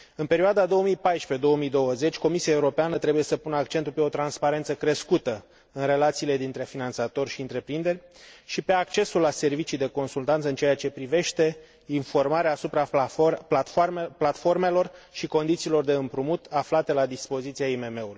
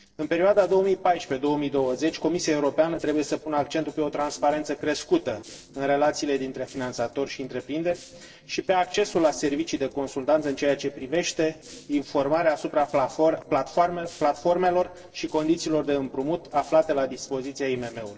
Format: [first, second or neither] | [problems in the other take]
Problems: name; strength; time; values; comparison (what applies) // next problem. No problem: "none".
first | noise reduction (neural separator model SepFormer DNS4)